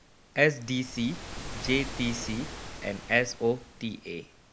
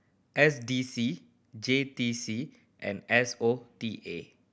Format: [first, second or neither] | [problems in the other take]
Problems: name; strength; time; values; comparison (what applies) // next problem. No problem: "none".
second | background sound (Waves, surf); 11 dB below the speech